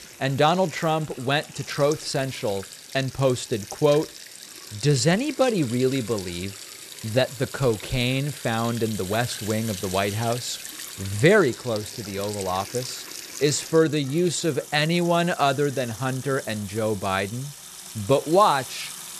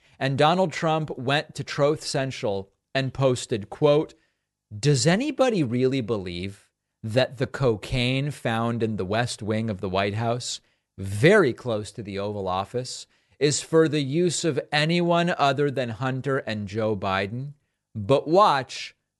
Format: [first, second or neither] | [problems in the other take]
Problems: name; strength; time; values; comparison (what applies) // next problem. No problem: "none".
second | household noises; noticeable; throughout; 15 dB below the speech